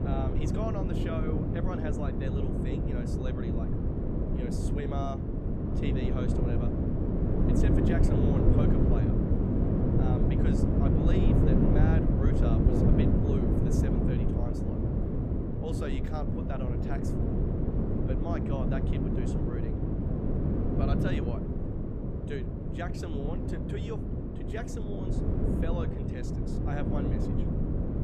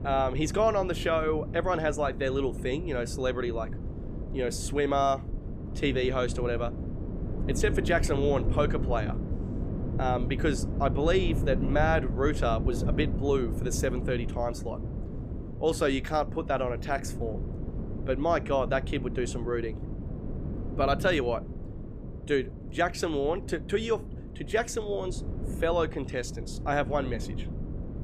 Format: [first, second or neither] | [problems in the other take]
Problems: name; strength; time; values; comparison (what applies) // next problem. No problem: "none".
second | wind noise on the microphone; heavy; 4 dB above the speech; occasional gusts in the second